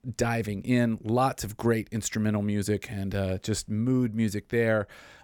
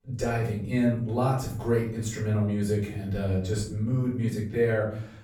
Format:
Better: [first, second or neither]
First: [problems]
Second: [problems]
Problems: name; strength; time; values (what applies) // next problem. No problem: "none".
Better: first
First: none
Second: off-mic speech; far // room echo; noticeable; dies away in 0.9 s